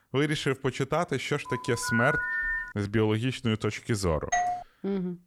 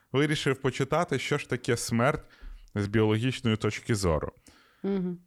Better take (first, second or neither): second